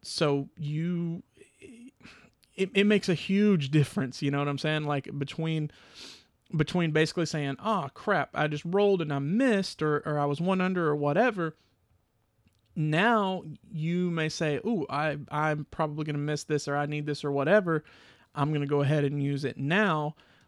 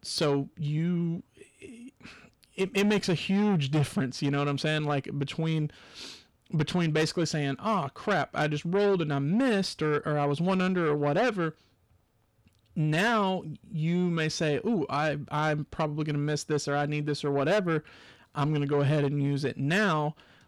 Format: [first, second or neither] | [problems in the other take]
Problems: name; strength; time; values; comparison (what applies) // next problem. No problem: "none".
first | distortion; slight; 10 dB below the speech